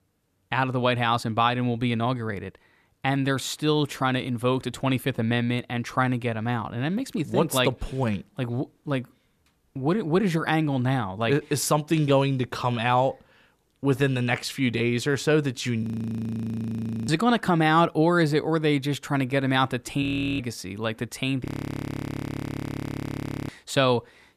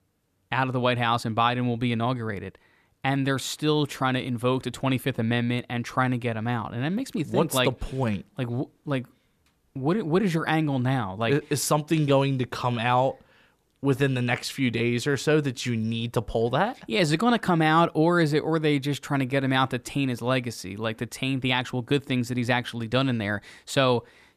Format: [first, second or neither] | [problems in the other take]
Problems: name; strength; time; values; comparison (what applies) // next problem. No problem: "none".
second | audio freezing; at 16 s for 1 s, at 20 s and at 21 s for 2 s